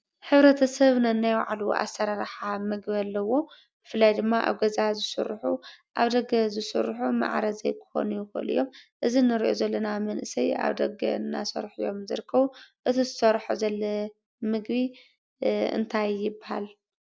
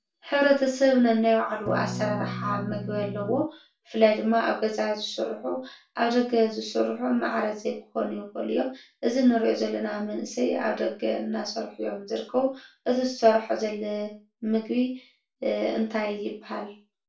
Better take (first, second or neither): first